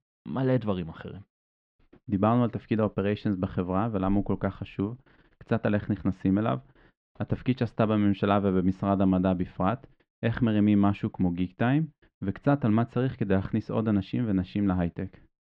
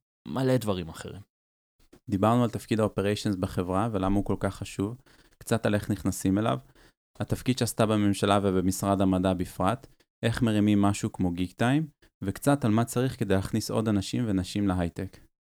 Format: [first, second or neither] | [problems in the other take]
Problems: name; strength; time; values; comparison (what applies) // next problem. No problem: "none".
second | muffled; very; fading above 3 kHz